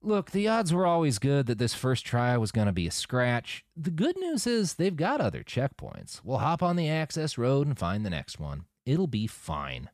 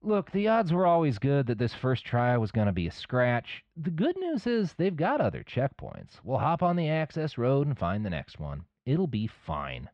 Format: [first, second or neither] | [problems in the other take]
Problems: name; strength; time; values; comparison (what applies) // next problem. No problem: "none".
first | muffled; very; fading above 3 kHz